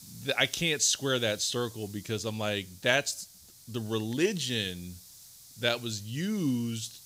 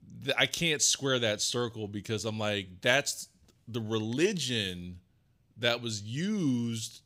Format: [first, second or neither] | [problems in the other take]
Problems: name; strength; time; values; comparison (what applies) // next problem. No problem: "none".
second | hiss; noticeable; throughout; 20 dB below the speech